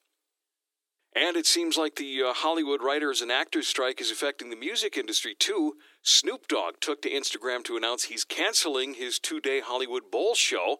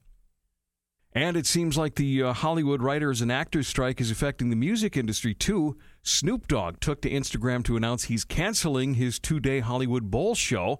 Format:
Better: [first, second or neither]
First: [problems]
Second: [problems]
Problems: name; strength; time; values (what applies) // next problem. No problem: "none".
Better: second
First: thin; very; fading below 300 Hz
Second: none